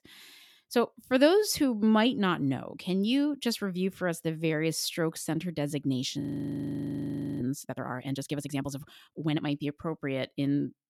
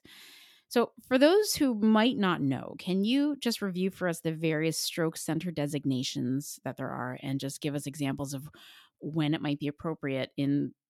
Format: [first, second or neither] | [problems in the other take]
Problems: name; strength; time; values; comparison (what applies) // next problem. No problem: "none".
second | audio freezing; at 6 s for 1 s